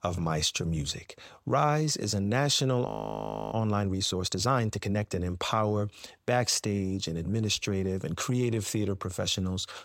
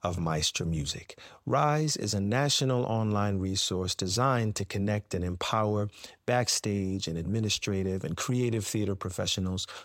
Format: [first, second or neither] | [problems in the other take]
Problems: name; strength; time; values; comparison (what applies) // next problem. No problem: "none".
second | audio freezing; at 3 s for 0.5 s